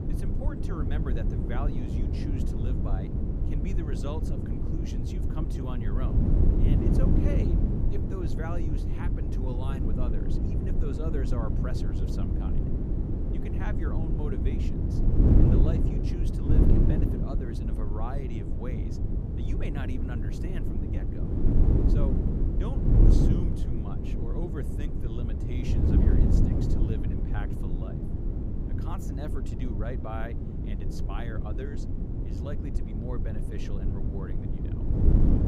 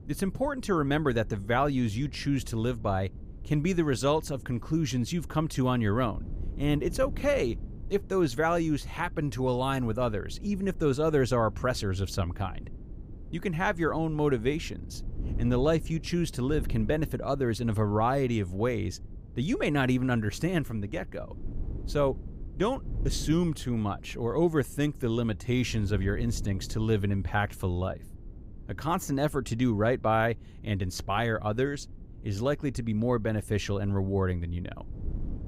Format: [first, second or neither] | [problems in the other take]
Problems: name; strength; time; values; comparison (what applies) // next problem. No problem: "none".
second | wind noise on the microphone; heavy; 4 dB above the speech; occasional gusts in the second